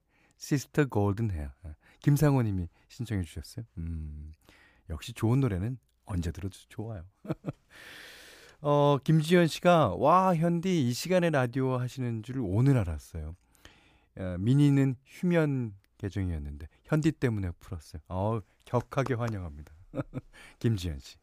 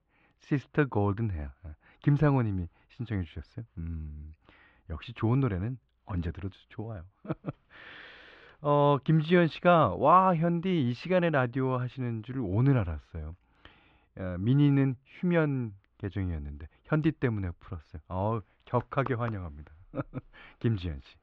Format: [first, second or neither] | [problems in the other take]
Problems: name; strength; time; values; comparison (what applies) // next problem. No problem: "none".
first | muffled; very; fading above 3 kHz